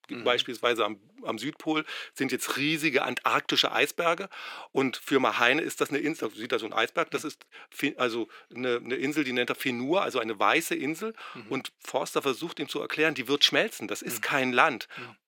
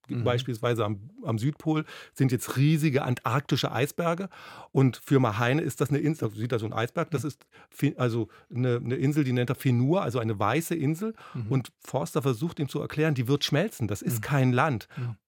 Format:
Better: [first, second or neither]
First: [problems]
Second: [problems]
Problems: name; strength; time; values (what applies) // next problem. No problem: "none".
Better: second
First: thin; somewhat; fading below 300 Hz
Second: none